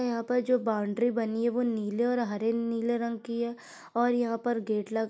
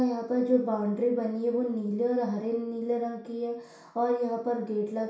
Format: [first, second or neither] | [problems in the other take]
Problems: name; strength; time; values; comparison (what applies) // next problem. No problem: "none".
first | room echo; dies away in 0.6 s